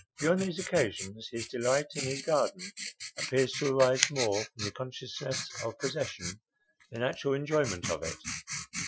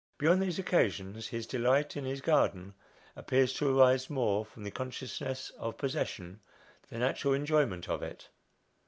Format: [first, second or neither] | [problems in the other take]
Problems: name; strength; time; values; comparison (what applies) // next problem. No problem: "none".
second | noise reduction (classical method Wiener filter)